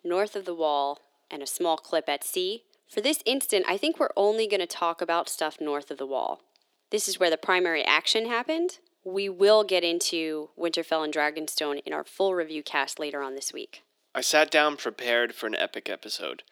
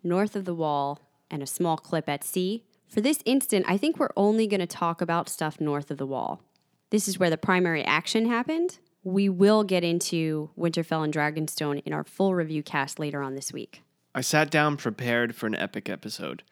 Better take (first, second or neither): second